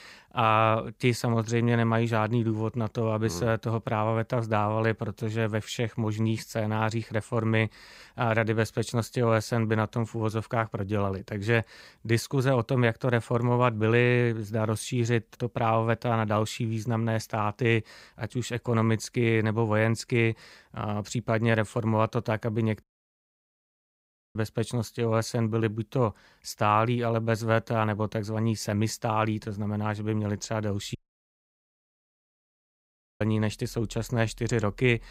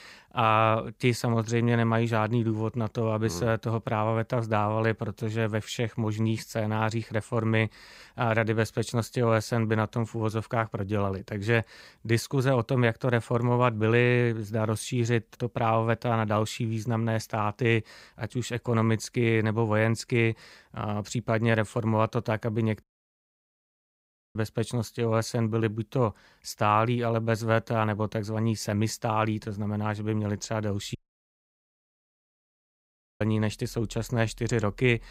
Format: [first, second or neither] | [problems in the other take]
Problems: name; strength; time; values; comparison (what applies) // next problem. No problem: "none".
neither | audio cutting out; at 23 s for 1.5 s and at 31 s for 2.5 s; the same in both